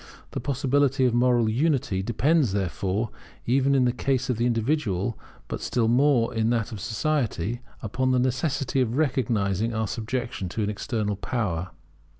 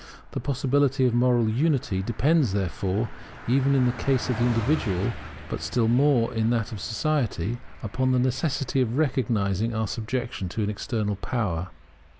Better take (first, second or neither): first